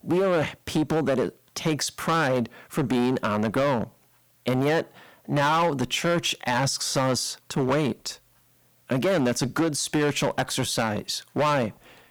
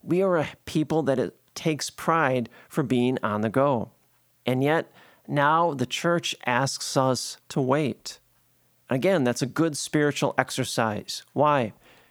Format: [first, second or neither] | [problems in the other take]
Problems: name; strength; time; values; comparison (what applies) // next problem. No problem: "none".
second | distortion; heavy; 11% of the sound clipped